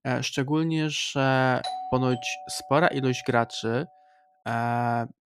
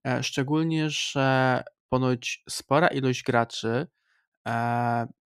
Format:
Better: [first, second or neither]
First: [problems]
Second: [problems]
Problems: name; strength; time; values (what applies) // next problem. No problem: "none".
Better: second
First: doorbell; noticeable; from 1.5 to 3.5 s; peak 8 dB below the speech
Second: none